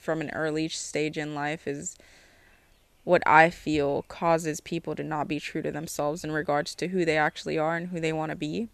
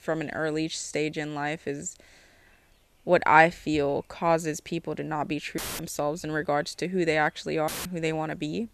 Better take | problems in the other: first | audio cutting out; filled with static; at 5.5 s and at 7.5 s

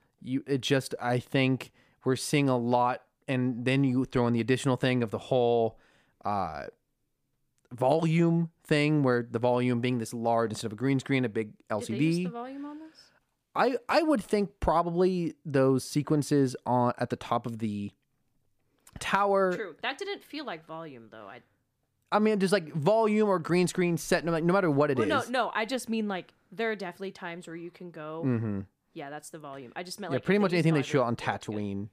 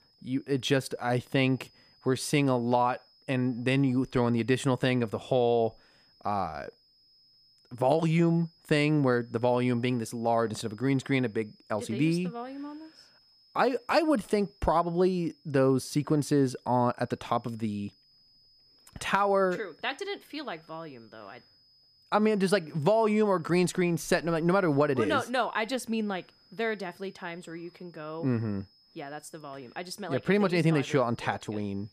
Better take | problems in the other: first | high-pitched whine; faint; throughout; 5 kHz, 30 dB below the speech

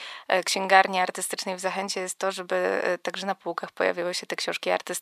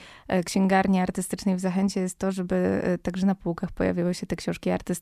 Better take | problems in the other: second | thin; very; fading below 650 Hz

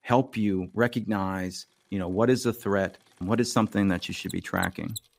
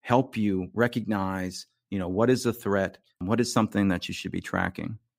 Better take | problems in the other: second | machinery noise; noticeable; throughout; 20 dB below the speech

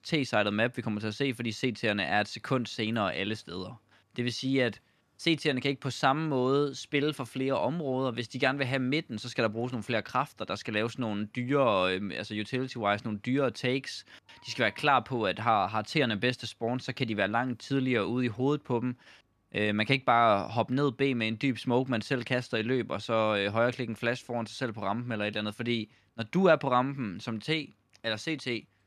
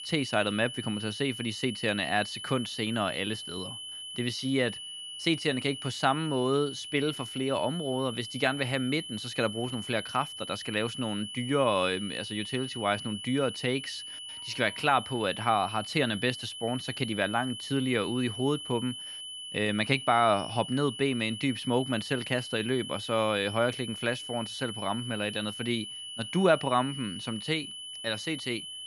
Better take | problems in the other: first | high-pitched whine; loud; throughout; 3 kHz, 8 dB below the speech

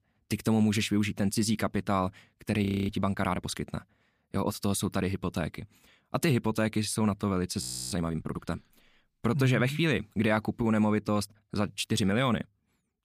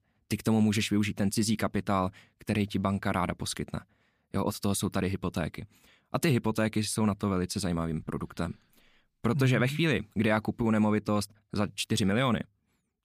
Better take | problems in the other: second | audio freezing; at 2.5 s and at 7.5 s

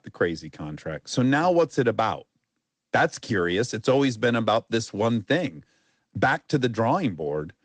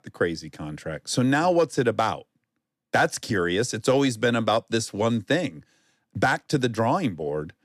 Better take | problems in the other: second | garbled, watery; slightly; nothing above 8 kHz

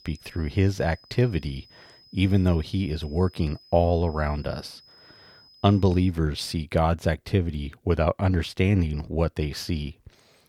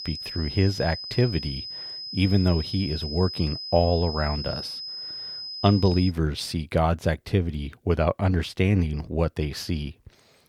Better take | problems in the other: first | high-pitched whine; loud; until 6 s; 5 kHz, 8 dB below the speech; faint in the first

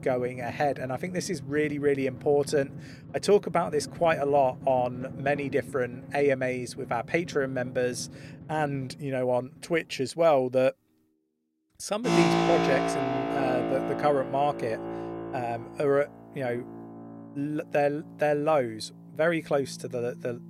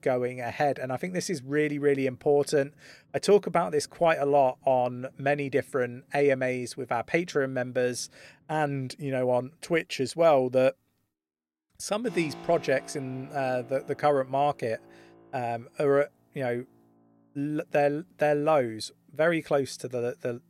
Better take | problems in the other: second | background music; loud; throughout; 6 dB below the speech; faint in the second

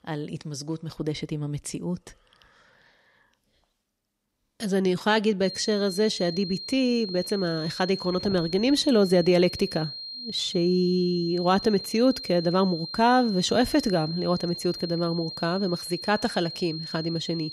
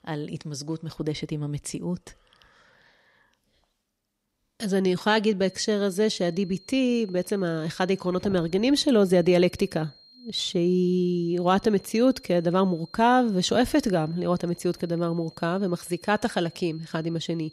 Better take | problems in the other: second | high-pitched whine; loud; from 5.5 s on; 4 kHz, 9 dB below the speech; faint in the second

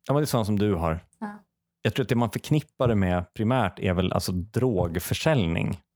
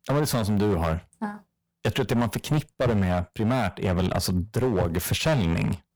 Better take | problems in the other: first | distortion; heavy; 10% of the sound clipped

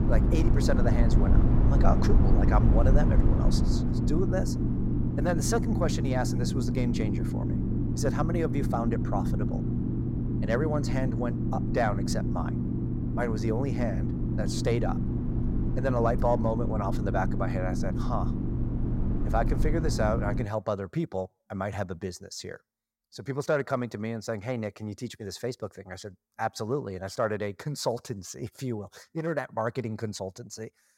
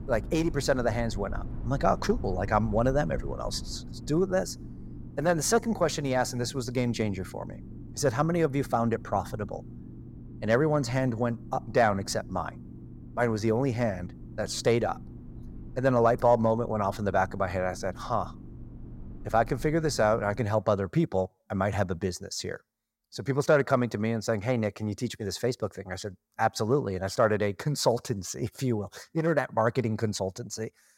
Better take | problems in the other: second | low rumble; loud; until 20 s; 4 dB below the speech; faint in the second

